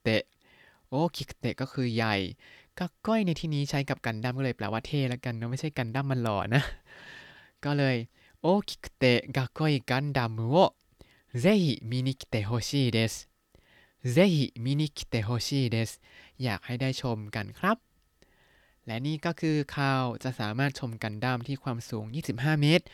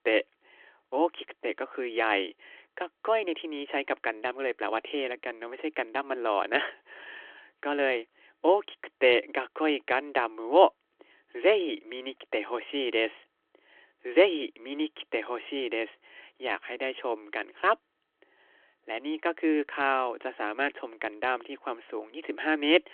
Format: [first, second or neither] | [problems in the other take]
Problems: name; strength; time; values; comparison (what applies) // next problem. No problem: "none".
first | phone-call audio